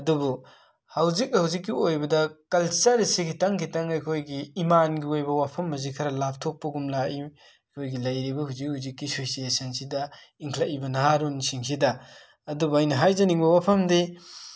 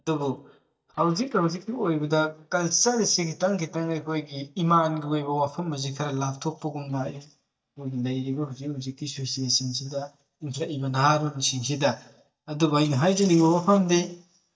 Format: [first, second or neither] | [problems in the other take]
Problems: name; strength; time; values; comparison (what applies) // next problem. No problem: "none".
first | noise reduction (neural mask model DeepFilterNet 3)